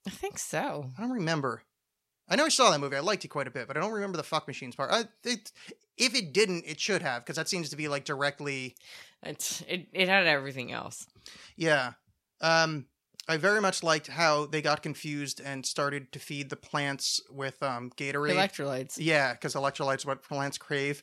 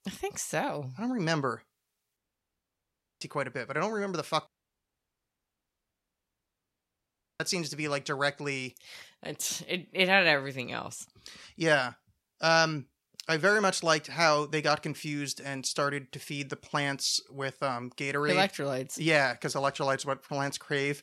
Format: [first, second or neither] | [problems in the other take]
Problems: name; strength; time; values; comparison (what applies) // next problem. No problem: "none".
first | audio cutting out; at 2 s for 1 s and at 4.5 s for 3 s